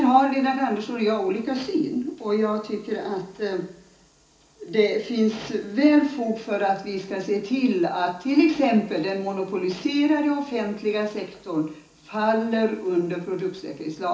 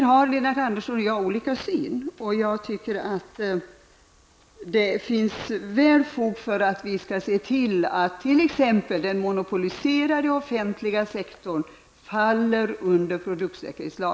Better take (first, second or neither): second